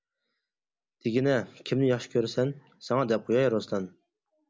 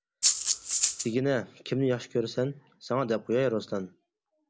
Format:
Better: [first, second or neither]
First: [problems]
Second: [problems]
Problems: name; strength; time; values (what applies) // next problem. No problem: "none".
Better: first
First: none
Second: background sound (Rattle (instrument)); 3 dB above the speech